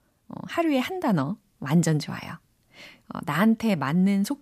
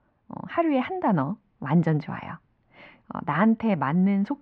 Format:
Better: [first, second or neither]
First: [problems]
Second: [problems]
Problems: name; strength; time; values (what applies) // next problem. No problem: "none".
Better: first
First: none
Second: muffled; very; fading above 2.5 kHz